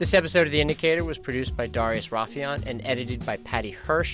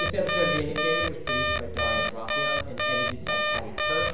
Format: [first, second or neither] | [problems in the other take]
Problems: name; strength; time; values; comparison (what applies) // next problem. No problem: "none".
first | background sound (Alarm); 4 dB above the speech // room echo; dies away in 1 s